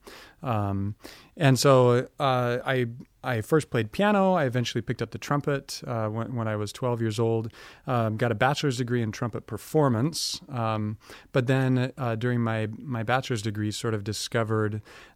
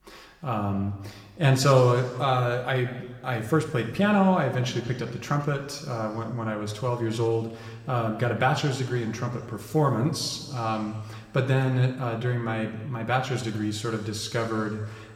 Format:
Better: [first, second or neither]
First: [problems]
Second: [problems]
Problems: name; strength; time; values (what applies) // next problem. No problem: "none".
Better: first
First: none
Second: room echo; slight; dies away in 1.6 s // off-mic speech; somewhat distant